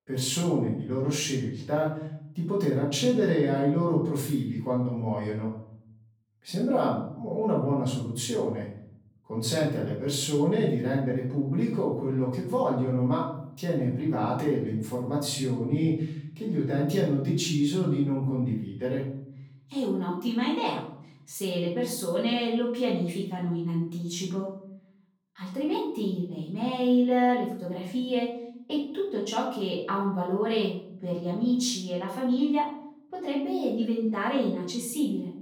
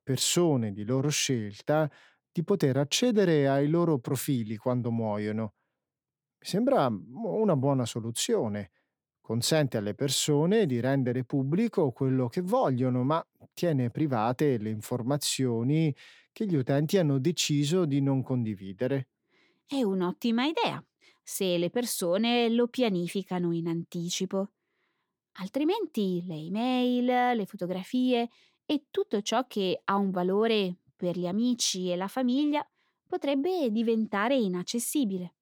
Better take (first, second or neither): second